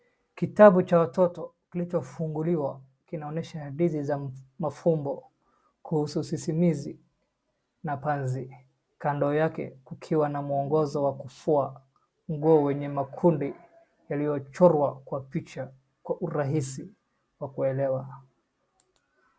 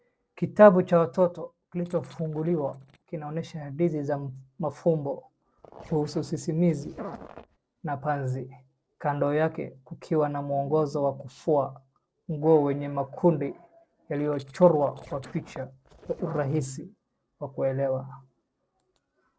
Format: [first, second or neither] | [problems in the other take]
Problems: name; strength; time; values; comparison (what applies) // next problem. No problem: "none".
first | noise reduction (neural separator model SepFormer DNS4)